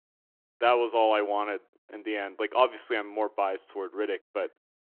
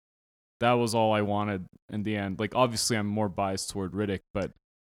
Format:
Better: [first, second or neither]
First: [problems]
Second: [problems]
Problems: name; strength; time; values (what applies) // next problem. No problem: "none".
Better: second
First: phone-call audio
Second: none